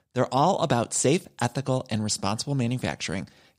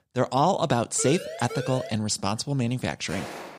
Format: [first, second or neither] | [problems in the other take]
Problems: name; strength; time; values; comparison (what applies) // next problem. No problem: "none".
first | siren; noticeable; at 1 s; peak 9 dB below the speech // footsteps; faint; at 3 s; peak 10 dB below the speech